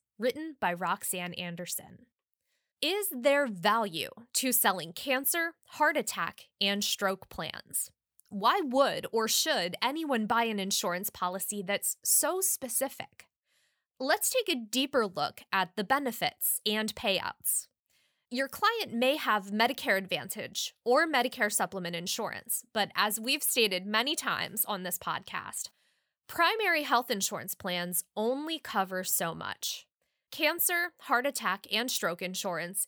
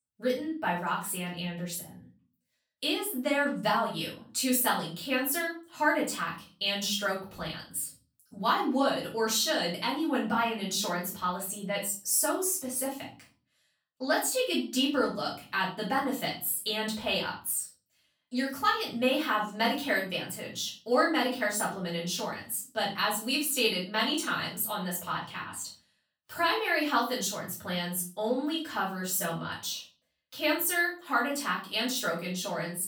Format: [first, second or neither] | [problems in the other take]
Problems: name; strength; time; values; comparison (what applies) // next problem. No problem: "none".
first | room echo; slight; dies away in 0.4 s // off-mic speech; far